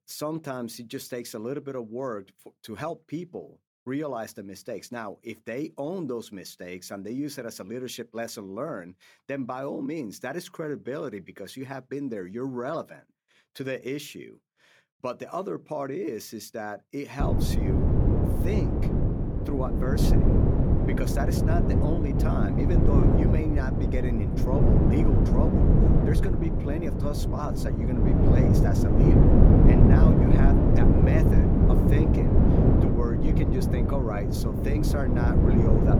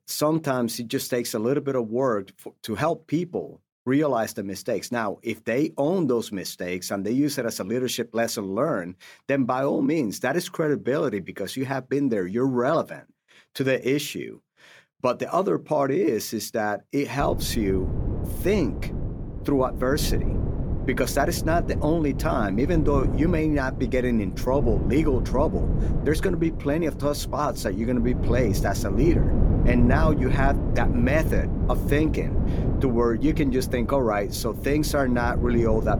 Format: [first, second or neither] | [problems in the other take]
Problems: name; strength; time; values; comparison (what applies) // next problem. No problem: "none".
second | wind noise on the microphone; heavy; from 17 s on; 4 dB above the speech; occasional gusts in the second